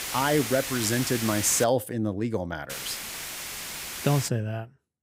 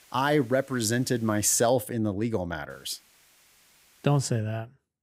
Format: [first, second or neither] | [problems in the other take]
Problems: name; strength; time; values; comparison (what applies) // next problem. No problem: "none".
second | hiss; loud; until 1.5 s and from 2.5 to 4.5 s; 6 dB below the speech; faint in the second